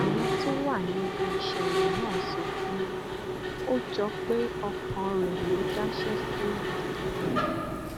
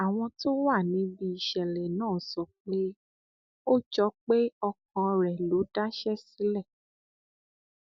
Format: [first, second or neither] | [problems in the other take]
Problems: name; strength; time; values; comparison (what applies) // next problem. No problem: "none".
second | background sound (Mechanisms); 3 dB above the speech